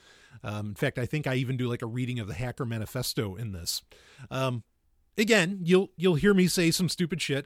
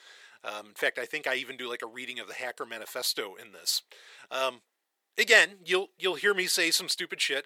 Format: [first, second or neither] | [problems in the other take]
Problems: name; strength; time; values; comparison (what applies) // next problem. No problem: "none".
first | thin; very; fading below 500 Hz